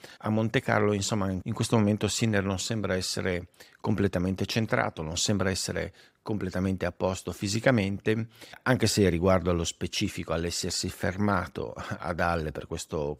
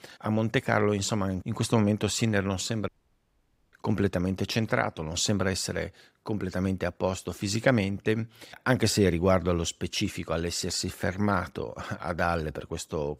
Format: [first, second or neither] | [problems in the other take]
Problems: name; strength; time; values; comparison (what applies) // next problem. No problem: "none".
first | audio cutting out; at 3 s for 1 s